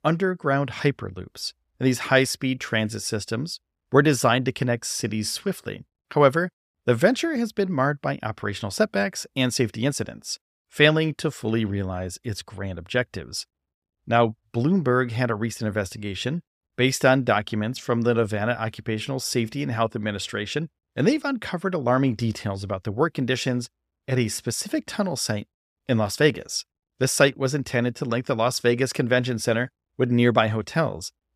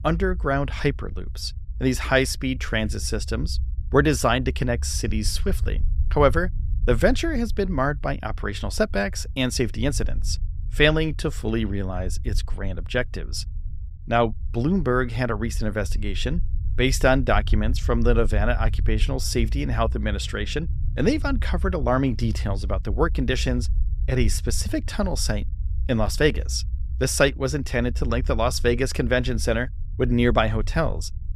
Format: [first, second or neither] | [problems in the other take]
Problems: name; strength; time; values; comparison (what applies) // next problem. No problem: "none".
first | low rumble; faint; throughout; 25 dB below the speech